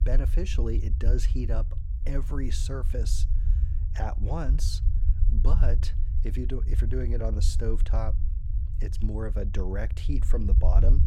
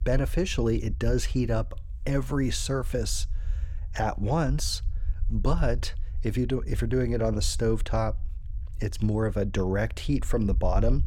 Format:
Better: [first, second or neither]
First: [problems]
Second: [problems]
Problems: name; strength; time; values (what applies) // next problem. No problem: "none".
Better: second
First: low rumble; loud; throughout; 10 dB below the speech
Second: low rumble; faint; throughout; 25 dB below the speech